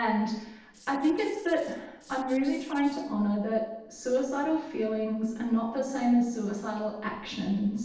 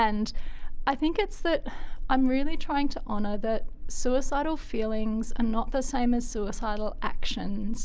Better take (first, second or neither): second